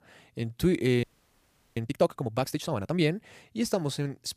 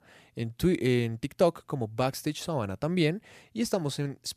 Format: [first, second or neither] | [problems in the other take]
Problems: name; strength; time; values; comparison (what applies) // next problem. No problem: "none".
second | audio freezing; at 1 s for 0.5 s